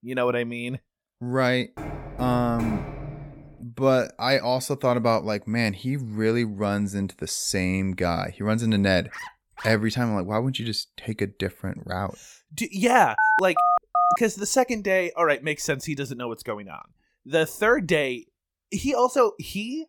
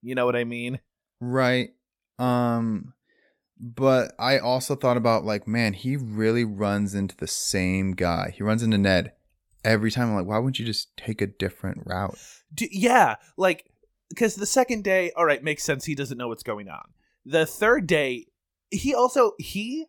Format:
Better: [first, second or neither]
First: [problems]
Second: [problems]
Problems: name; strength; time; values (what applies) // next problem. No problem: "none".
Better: second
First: door banging; noticeable; from 2 to 3.5 s; peak 8 dB below the speech // dog barking; faint; at 9 s; peak 15 dB below the speech // phone ringing; loud; at 13 s; peak 4 dB above the speech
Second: none